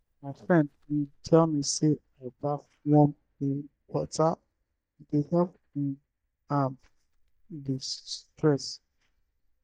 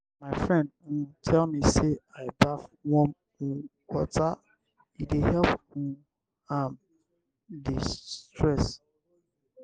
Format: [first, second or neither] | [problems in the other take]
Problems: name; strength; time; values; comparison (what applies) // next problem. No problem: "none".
second | noise reduction (neural mask model DeepFilterNet 3)